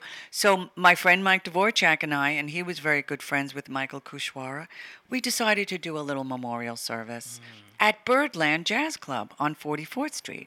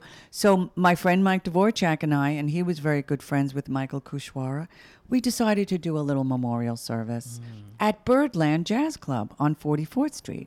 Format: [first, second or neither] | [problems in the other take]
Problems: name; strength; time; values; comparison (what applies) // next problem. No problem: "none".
second | thin; somewhat; fading below 800 Hz